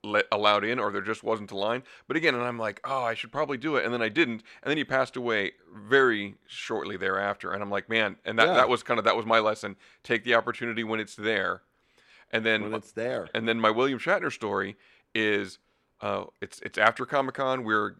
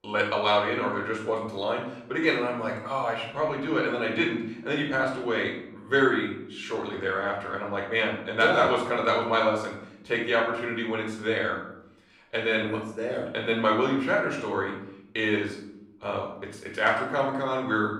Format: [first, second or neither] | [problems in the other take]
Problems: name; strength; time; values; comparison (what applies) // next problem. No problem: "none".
first | off-mic speech; far // room echo; noticeable; dies away in 0.7 s